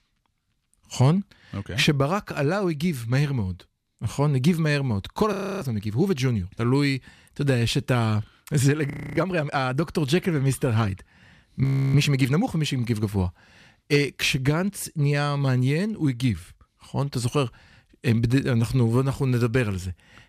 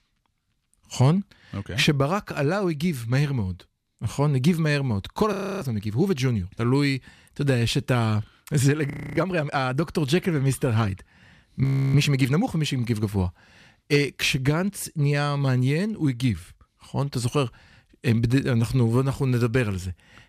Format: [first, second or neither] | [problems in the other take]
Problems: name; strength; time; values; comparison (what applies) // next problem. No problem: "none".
neither | audio freezing; at 5.5 s, at 9 s and at 12 s; the same in both